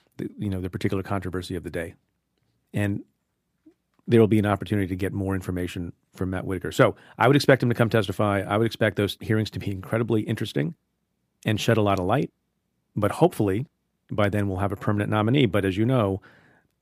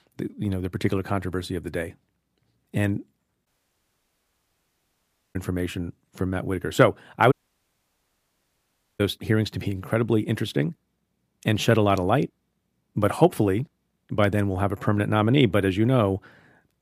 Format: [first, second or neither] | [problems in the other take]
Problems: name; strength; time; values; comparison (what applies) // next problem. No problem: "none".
first | audio cutting out; at 3.5 s for 2 s and at 7.5 s for 1.5 s